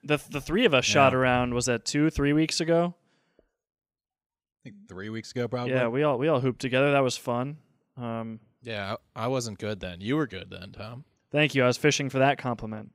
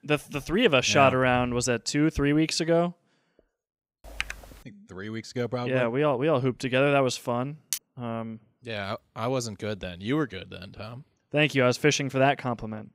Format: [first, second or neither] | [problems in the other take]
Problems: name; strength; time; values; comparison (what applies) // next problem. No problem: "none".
first | keyboard typing; noticeable; at 4 s; peak 9 dB below the speech // clattering dishes; noticeable; at 7.5 s; peak 8 dB below the speech